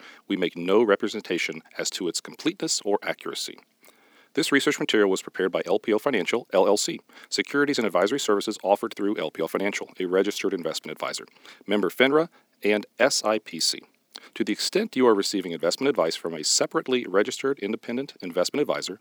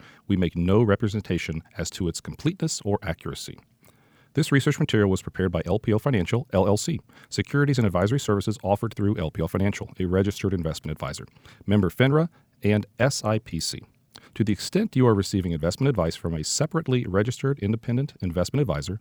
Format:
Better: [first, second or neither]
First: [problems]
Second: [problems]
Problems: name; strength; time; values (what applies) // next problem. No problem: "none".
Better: second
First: thin; somewhat; fading below 250 Hz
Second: none